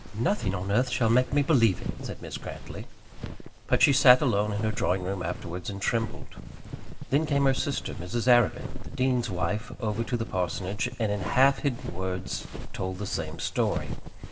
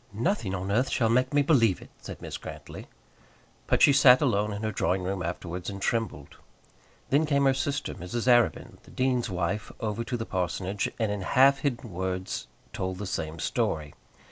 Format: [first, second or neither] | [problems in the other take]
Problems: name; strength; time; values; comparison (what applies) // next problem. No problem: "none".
second | background sound (Walk, footsteps); 6 dB below the speech // room echo; dies away in 1.9 s